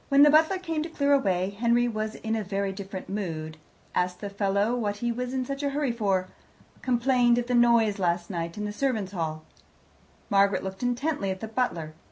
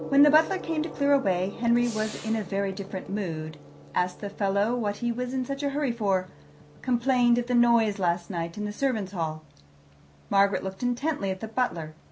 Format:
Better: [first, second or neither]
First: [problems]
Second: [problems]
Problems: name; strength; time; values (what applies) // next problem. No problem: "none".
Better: first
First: none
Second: background sound (Gong + Gunshot, gunfire); 18 dB below the speech